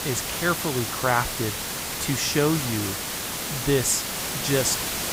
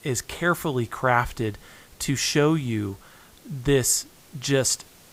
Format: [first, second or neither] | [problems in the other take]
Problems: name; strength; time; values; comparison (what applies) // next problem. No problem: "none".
second | hiss; loud; throughout; 2 dB below the speech; faint in the second